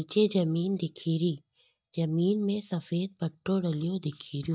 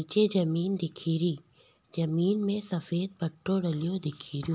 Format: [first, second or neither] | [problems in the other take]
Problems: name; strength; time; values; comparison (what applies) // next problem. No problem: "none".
second | noise reduction (neural mask model DeepFilterNet 3)